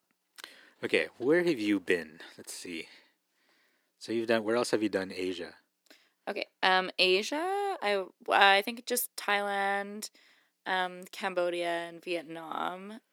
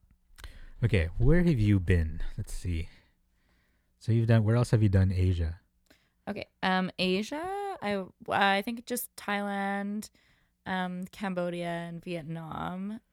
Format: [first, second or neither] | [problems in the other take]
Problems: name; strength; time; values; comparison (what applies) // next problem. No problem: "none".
second | thin; very; fading below 300 Hz